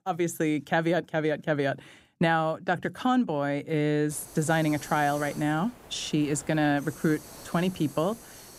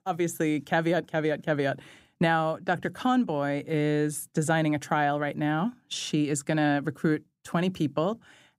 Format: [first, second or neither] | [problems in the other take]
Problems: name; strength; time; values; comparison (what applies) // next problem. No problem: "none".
second | hiss; noticeable; from 4 s on; 20 dB below the speech